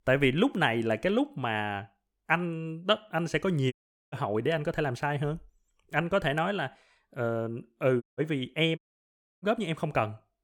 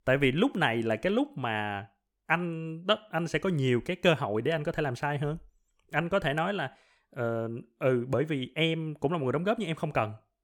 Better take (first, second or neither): second